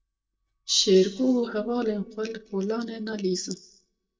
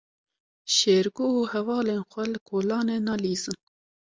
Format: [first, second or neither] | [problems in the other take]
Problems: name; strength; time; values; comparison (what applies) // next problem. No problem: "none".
second | noise reduction (neural mask model DeepFilterNet 3)